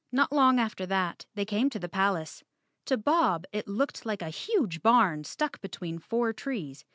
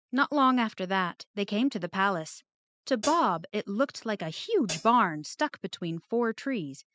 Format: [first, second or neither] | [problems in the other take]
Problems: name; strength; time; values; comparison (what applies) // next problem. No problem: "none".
first | noise reduction (classical method spectral subtraction)